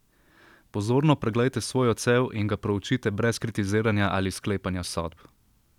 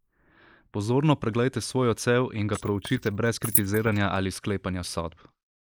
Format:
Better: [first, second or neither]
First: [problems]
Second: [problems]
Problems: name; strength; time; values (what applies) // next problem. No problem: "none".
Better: first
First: none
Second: noise reduction (neural mask model Resemble Enhance denoiser)